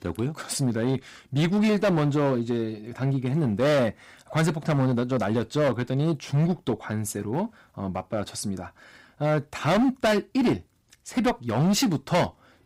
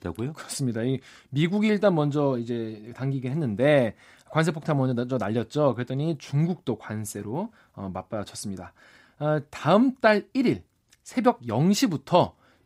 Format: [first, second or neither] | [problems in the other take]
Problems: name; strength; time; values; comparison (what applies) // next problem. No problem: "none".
second | distortion; heavy; 10% of the sound clipped